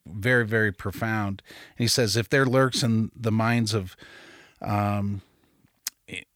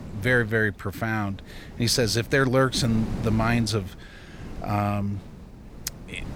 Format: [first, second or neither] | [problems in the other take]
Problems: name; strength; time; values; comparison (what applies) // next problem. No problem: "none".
first | wind noise on the microphone; occasional gusts; 20 dB below the speech